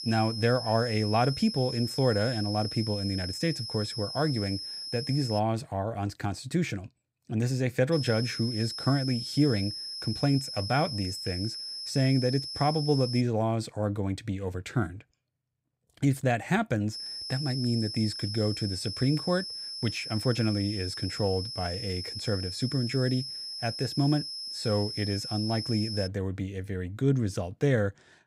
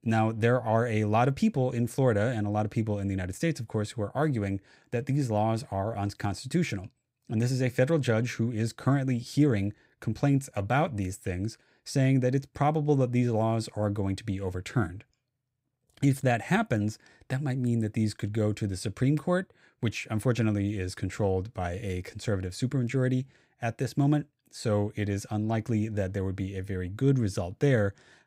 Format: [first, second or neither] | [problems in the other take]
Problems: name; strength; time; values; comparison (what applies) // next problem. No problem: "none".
second | high-pitched whine; loud; until 5.5 s, from 8 to 13 s and from 17 to 26 s; 5 kHz, 6 dB below the speech